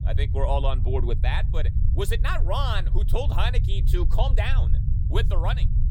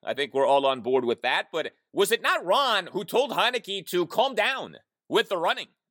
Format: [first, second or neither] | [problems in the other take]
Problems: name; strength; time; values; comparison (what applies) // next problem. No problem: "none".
second | low rumble; noticeable; throughout; 10 dB below the speech